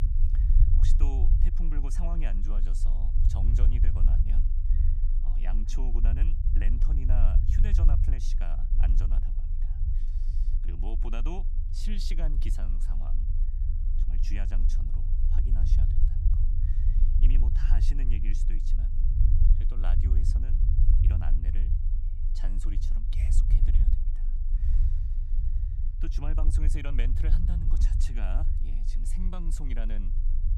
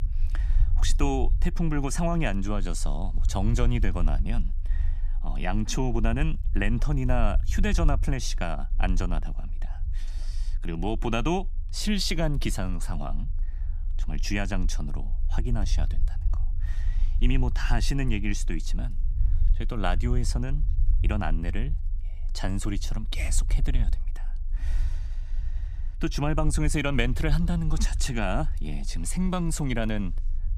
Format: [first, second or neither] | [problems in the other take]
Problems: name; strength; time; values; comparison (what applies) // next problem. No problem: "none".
second | low rumble; loud; throughout; 3 dB below the speech; faint in the second